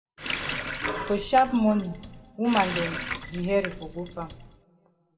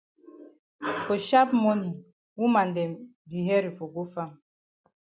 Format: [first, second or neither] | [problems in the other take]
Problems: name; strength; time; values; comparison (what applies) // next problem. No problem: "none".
second | background sound (Water tap, faucet); 8 dB below the speech // room echo; dies away in 1.2 s